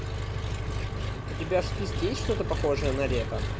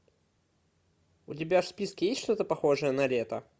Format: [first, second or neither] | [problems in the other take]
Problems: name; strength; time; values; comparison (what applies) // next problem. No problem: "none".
second | background sound (Engine); 1 dB above the speech